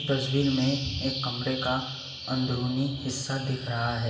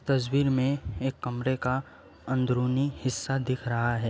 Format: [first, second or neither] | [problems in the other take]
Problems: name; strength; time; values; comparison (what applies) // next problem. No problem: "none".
second | background sound (Bird vocalization, bird call, bird song); 9 dB below the speech // room echo; dies away in 1.1 s